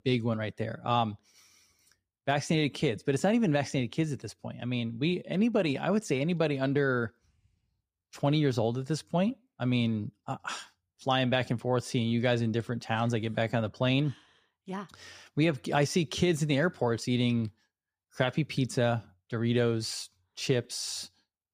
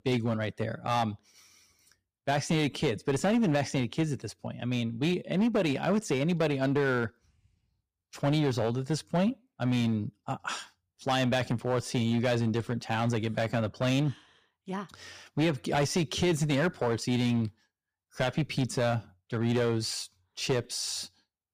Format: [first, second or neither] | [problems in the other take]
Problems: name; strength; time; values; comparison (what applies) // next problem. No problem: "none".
first | distortion; slight; 6% of the sound clipped